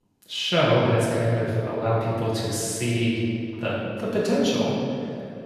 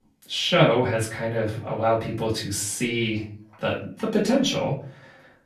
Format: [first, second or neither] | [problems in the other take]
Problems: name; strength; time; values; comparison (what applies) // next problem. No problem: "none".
second | room echo; strong; dies away in 2.4 s; slight in the second // off-mic speech; far; far in the second